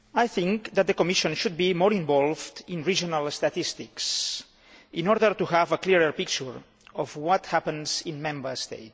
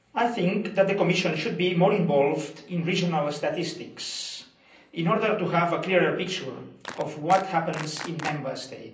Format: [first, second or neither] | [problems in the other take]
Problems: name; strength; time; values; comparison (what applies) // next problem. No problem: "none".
first | background sound (Clapping); 14 dB below the speech // room echo; dies away in 0.6 s